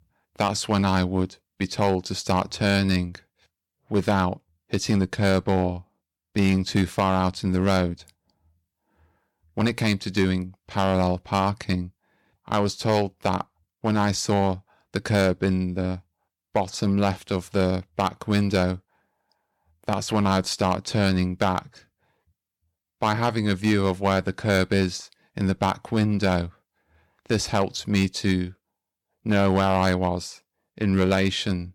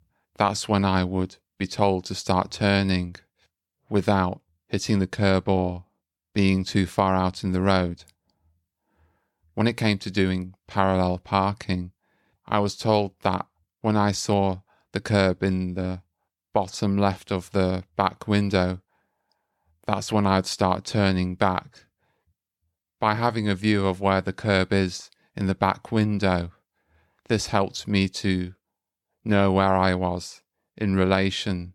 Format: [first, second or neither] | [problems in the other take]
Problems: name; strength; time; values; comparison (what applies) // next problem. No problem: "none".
second | distortion; slight; 3% of the sound clipped